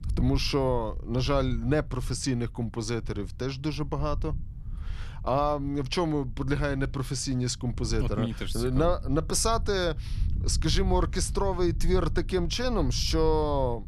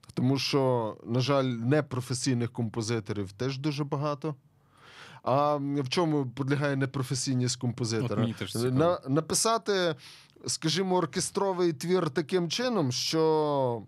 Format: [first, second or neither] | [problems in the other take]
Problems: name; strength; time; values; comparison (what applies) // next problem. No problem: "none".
second | low rumble; faint; throughout; 20 dB below the speech